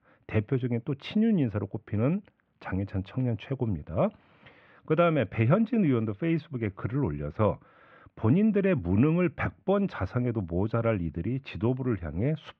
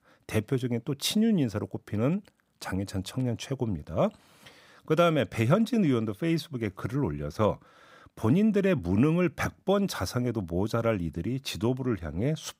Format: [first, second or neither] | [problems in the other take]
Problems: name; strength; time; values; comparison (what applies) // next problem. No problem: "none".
second | muffled; very; fading above 2.5 kHz